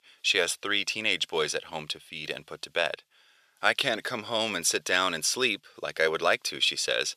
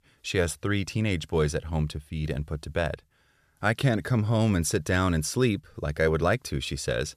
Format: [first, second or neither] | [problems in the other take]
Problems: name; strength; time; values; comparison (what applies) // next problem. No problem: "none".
second | thin; very; fading below 500 Hz